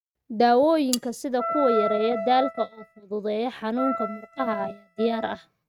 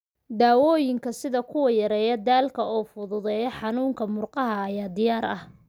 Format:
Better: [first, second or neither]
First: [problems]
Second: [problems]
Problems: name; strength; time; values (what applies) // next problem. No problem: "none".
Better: second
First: noise reduction (neural mask model RNNoise)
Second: none